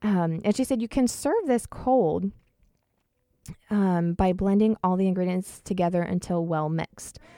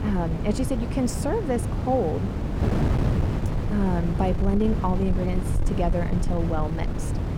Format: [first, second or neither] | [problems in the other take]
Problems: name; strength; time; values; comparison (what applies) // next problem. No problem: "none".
first | wind noise on the microphone; heavy; 6 dB below the speech